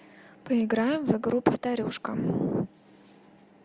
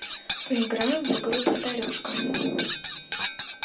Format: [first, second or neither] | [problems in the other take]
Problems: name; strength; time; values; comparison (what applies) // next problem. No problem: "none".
first | background sound (Cutlery, silverware); 5 dB below the speech // room echo; dies away in 0.2 s